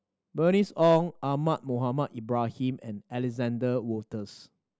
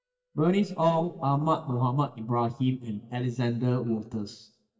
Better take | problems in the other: first | noise reduction (neural mask model DeepFilterNet 3)

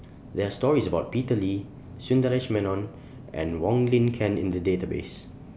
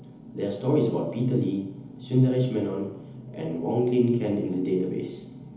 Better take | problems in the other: first | room echo; dies away in 1.3 s

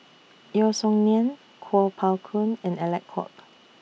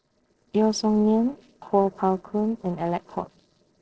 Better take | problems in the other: first | noise reduction (neural separator model SepFormer DNS4)

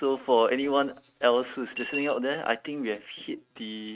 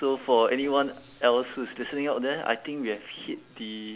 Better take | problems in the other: second | noise reduction (neural mask model RNNoise)

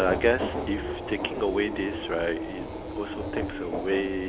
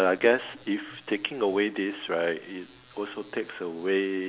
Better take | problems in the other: second | background sound (Subway, metro, underground); 4 dB below the speech

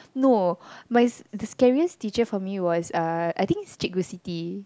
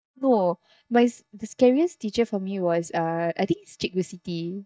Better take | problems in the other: first | noise reduction (neural mask model DeepFilterNet 3)

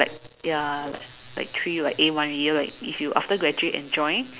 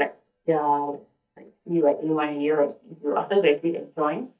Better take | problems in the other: first | noise reduction (neural mask model DeepFilterNet 3)

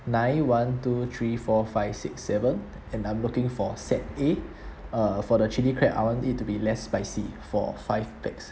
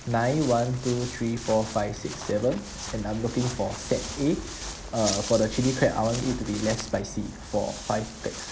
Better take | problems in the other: first | background sound (Walk, footsteps); 11 dB below the speech

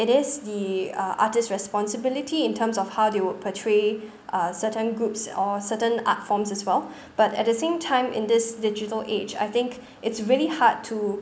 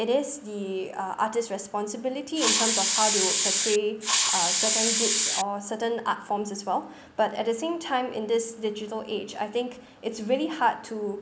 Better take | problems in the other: first | background sound (Hiss); 4 dB above the speech

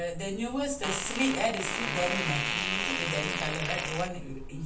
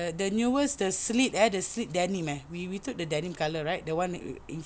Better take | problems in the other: second | background sound (Fart); 1 dB below the speech // room echo; dies away in 0.3 s

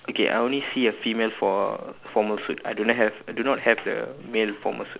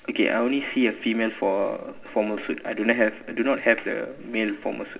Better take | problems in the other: first | room echo; dies away in 2 s

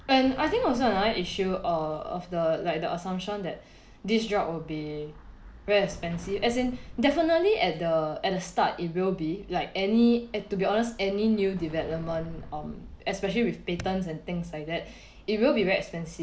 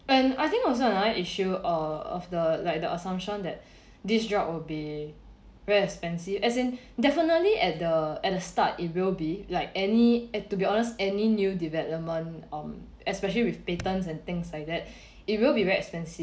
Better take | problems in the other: second | background sound (Explosion); 19 dB below the speech

